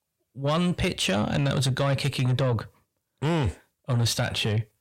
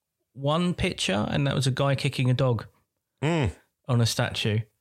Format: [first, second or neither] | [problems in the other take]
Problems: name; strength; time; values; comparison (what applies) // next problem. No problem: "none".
second | distortion; slight; 10 dB below the speech